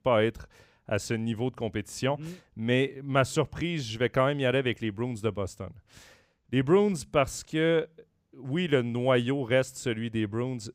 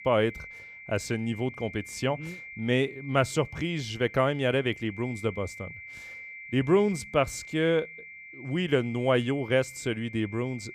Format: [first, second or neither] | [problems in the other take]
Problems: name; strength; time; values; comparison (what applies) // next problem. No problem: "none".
first | high-pitched whine; noticeable; throughout; 2 kHz, 15 dB below the speech